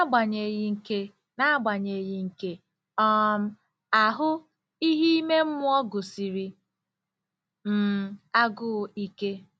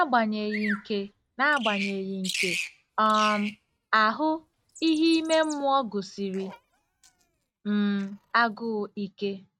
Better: first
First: none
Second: noise reduction (neural mask model RNNoise)

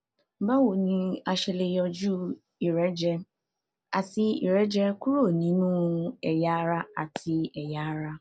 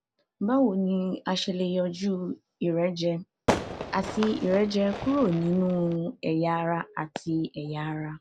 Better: first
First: none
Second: background sound (Fireworks); 6 dB below the speech

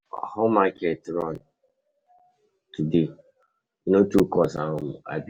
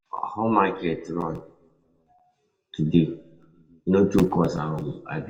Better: first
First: none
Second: room echo; dies away in 0.6 s

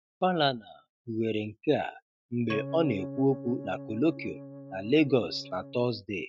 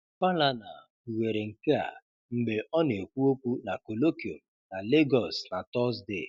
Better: second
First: noise reduction (neural mask model RNNoise)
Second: none

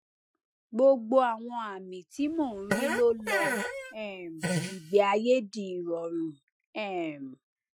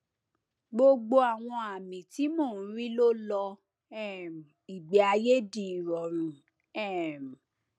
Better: second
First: noise reduction (classical method Wiener filter)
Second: none

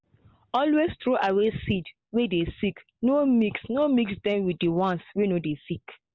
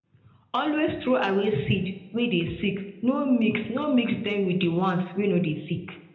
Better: first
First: none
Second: room echo; dies away in 0.8 s

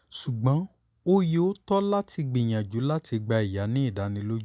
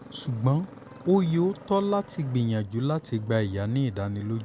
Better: first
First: none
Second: background sound (Motorcycle); 19 dB below the speech

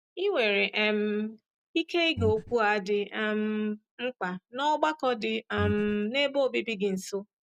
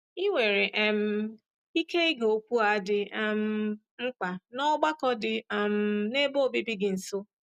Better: second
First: background sound (Breathing); 5 dB below the speech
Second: none

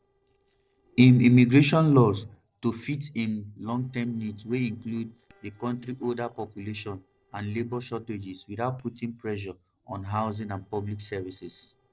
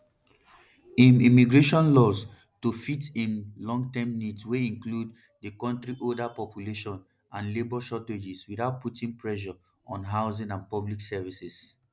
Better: second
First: noise reduction (neural separator model SepFormer DNS4)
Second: none

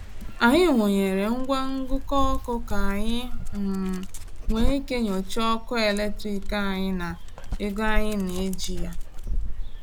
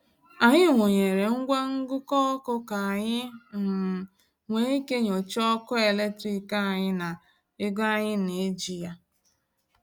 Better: second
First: background sound (Dog); as loud as the speech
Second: none

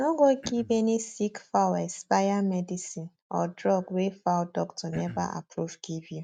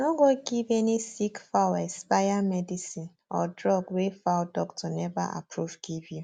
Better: second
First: noise reduction (neural mask model RNNoise)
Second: none

